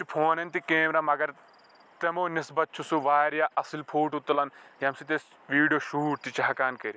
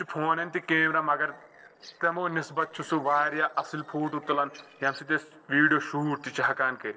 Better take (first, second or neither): first